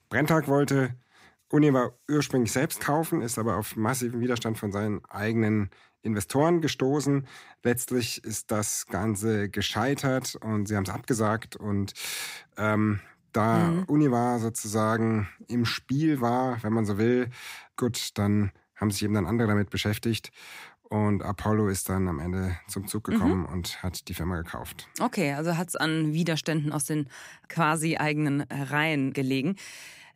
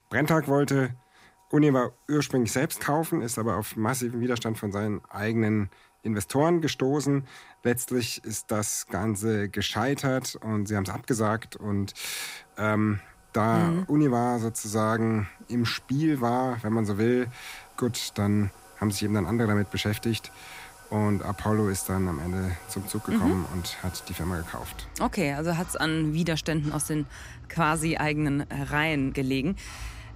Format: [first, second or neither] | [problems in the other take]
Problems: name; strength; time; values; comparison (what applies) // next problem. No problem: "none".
first | household noises; noticeable; throughout; 20 dB below the speech